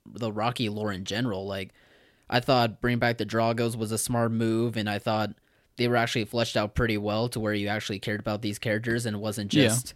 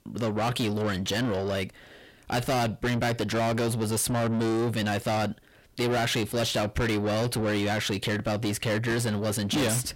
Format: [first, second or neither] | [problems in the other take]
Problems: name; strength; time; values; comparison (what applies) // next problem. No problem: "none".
first | distortion; heavy; 6 dB below the speech